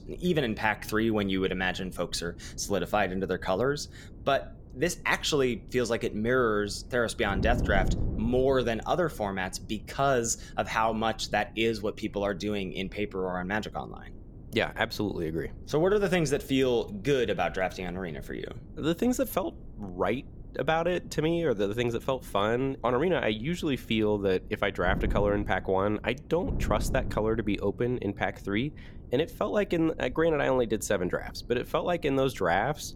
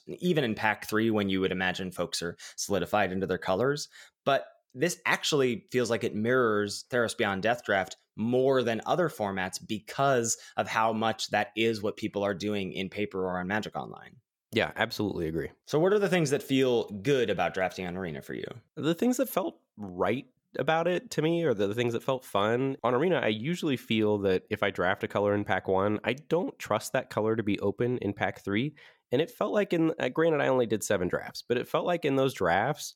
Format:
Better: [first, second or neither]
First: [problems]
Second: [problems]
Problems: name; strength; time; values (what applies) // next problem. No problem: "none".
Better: second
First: wind noise on the microphone; occasional gusts; 20 dB below the speech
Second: none